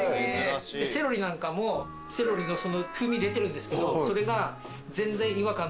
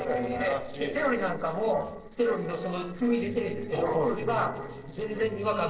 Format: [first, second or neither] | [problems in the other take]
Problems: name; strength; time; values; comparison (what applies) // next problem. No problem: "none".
first | noise reduction (neural separator model SepFormer DNS4)